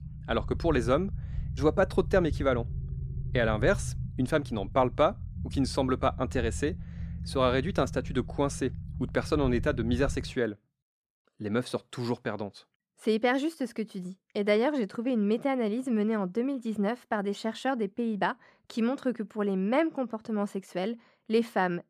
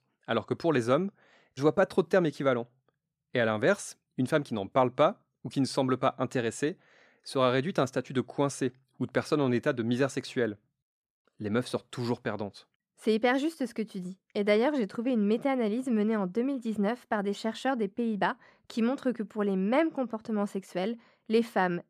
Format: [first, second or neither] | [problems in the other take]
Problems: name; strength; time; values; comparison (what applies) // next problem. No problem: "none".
second | low rumble; faint; until 10 s; 20 dB below the speech